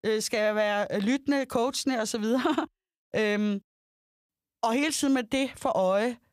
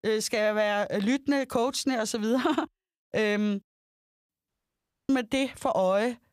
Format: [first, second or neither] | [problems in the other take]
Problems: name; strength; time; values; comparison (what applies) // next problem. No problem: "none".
first | audio cutting out; at 4.5 s for 0.5 s